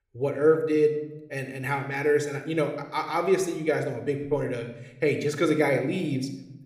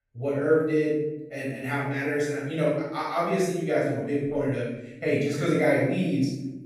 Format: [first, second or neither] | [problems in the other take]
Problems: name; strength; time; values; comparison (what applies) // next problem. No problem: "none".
first | room echo; strong; dies away in 0.8 s; slight in the first // off-mic speech; far